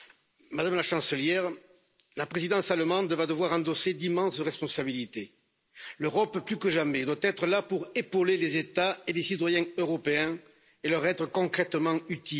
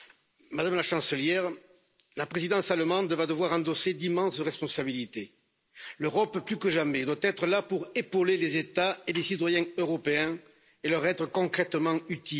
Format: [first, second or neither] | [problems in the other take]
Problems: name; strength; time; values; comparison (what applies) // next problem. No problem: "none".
first | background sound (Snare drum); 18 dB below the speech